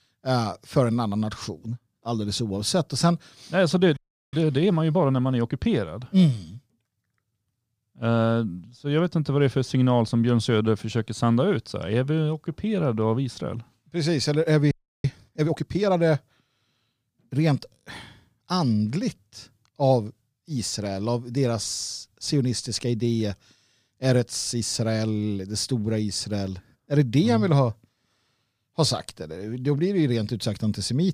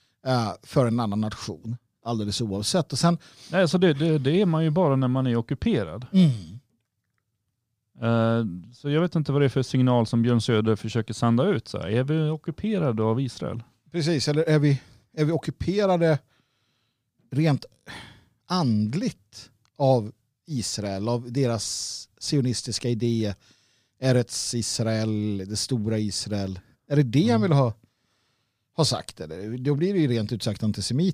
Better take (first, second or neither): second